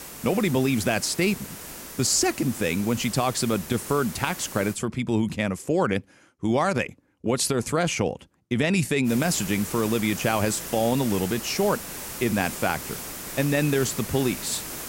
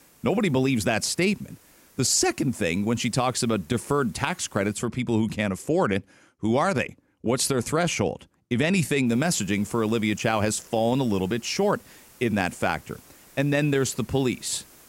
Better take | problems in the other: second | hiss; loud; until 4.5 s and from 9 s on; 10 dB below the speech; faint in the second

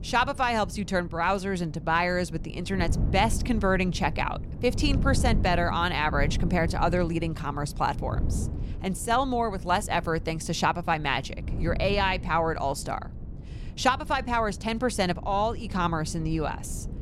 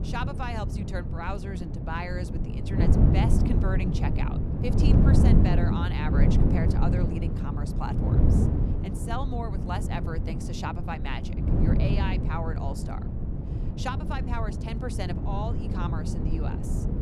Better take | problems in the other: first | wind noise on the microphone; heavy; as loud as the speech; occasional gusts in the first

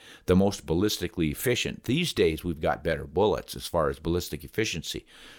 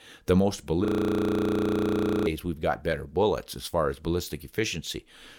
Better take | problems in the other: first | audio freezing; at 1 s for 1.5 s

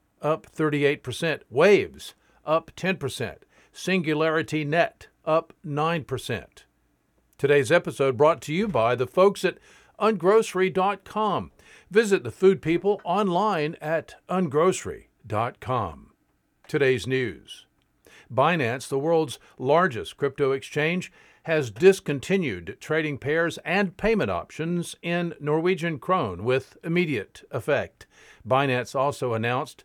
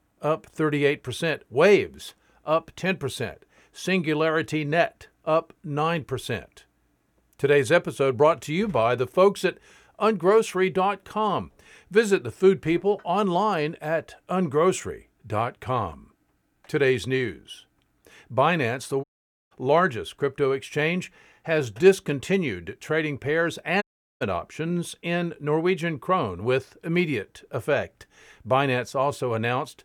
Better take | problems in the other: first | audio cutting out; at 19 s and at 24 s

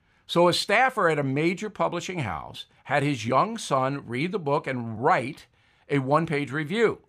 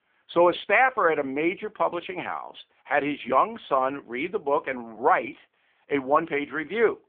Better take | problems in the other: first | phone-call audio; poor line; nothing above 3.5 kHz

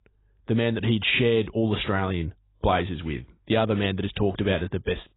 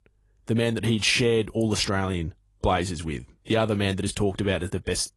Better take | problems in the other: second | garbled, watery; badly; nothing above 4 kHz; slightly in the second

